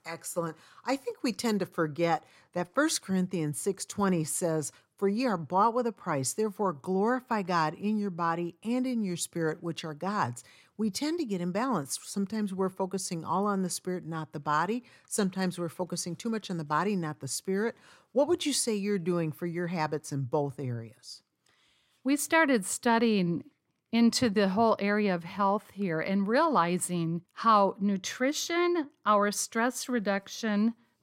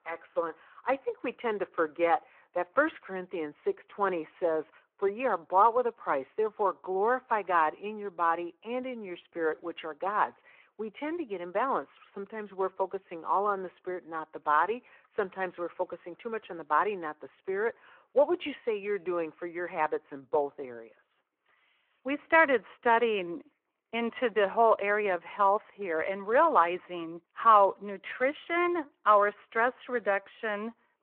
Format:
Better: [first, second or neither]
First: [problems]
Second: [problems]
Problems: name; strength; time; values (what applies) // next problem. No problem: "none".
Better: first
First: none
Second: phone-call audio